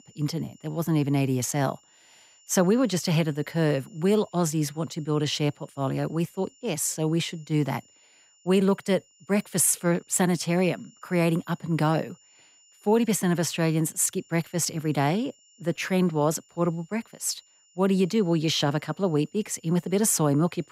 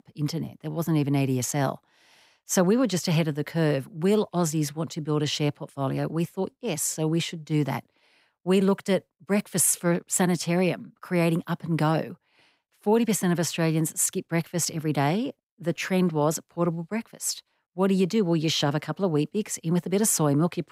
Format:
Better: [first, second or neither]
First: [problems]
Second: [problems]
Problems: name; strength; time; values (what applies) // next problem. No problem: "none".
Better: second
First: high-pitched whine; faint; throughout; 7 kHz, 30 dB below the speech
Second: none